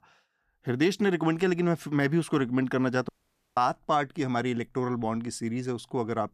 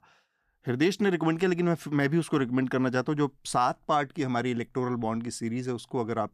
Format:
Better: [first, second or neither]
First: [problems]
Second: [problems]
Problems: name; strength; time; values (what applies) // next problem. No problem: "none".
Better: second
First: audio cutting out; at 3 s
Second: none